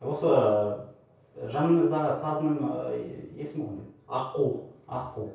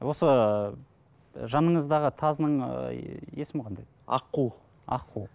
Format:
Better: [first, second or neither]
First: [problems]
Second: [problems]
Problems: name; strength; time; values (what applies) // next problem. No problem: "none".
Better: second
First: room echo; dies away in 0.6 s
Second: none